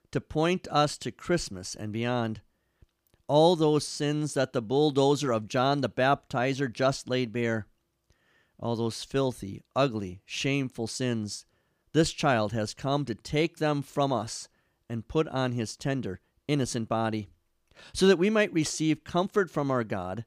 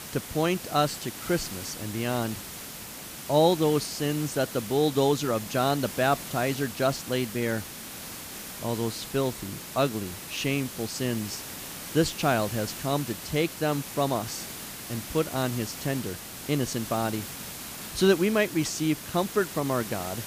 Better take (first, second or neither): first